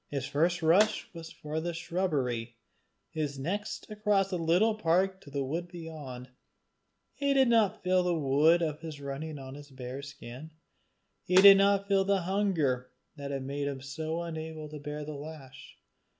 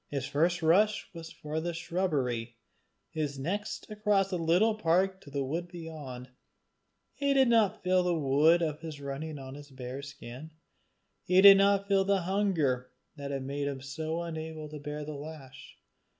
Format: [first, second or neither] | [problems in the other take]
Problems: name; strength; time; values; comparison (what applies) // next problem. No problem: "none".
second | background sound (Snare drum); 7 dB below the speech